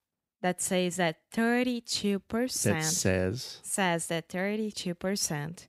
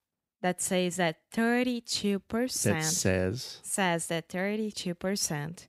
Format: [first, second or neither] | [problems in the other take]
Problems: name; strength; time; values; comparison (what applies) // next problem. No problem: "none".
neither | none